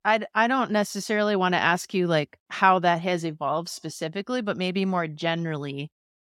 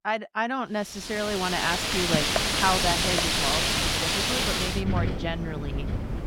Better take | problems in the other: first | wind in the background; very loud; from 1.5 s on; 5 dB above the speech

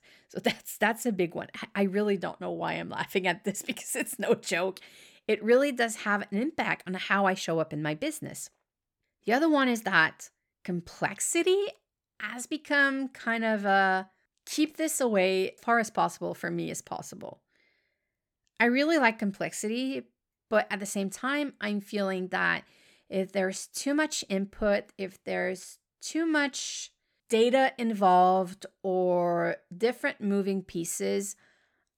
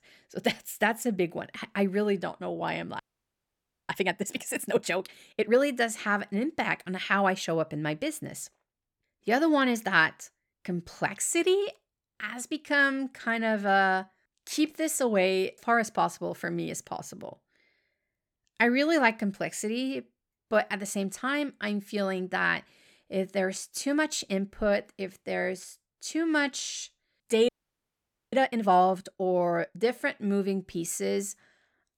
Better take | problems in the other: first | audio freezing; at 3 s for 1 s and at 27 s for 1 s

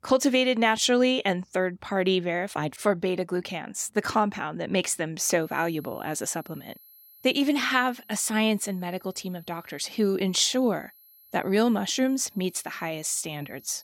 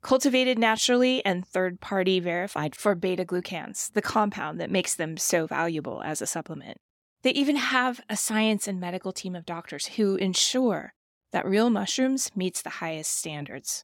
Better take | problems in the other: second | high-pitched whine; faint; from 5.5 s on; 11.5 kHz, 25 dB below the speech

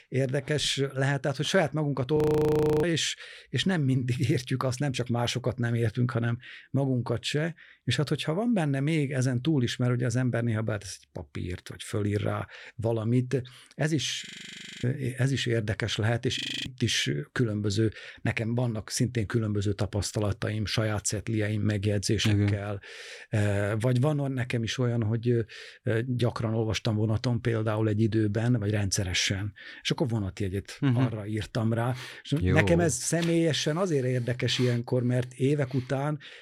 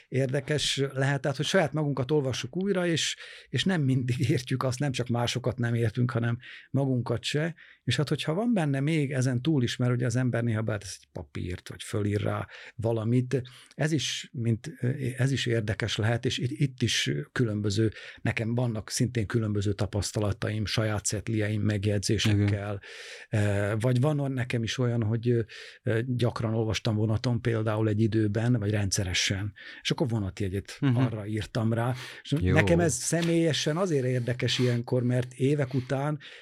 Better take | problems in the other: second | audio freezing; at 2 s for 0.5 s, at 14 s for 0.5 s and at 16 s

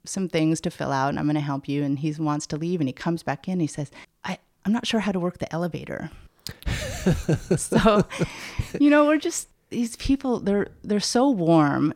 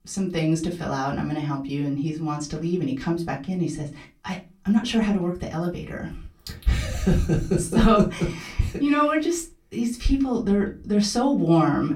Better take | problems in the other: first | off-mic speech; far // room echo; very slight; dies away in 0.2 s

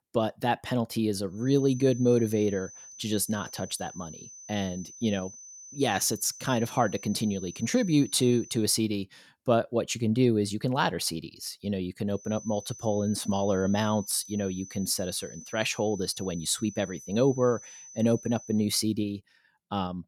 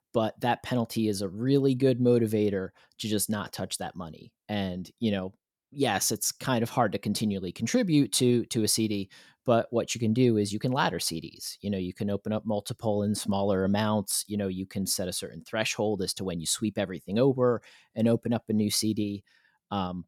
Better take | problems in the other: second | high-pitched whine; noticeable; from 1.5 to 8.5 s and from 12 to 19 s; 6 kHz, 15 dB below the speech

